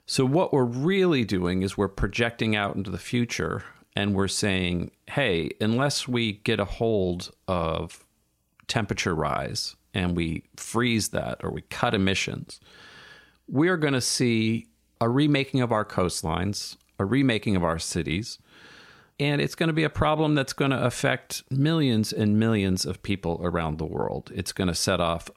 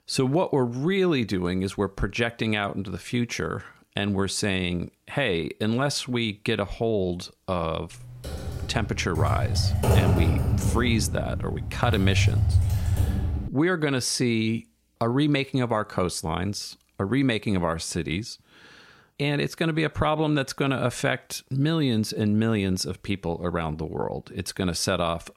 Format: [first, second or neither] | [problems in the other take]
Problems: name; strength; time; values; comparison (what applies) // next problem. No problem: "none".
first | keyboard typing; loud; from 8.5 to 13 s; peak 5 dB above the speech